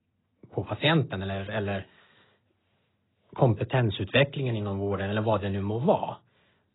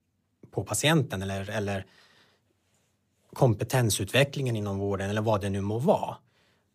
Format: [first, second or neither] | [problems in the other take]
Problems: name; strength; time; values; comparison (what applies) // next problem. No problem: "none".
second | garbled, watery; badly; nothing above 4 kHz